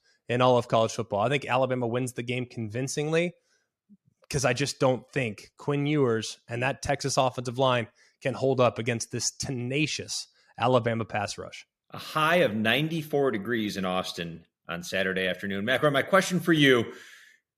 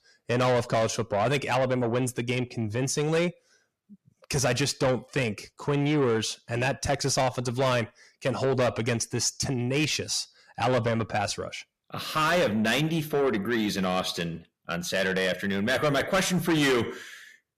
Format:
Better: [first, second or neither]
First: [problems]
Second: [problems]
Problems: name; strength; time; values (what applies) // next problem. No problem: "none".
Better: first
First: none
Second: distortion; heavy; 7 dB below the speech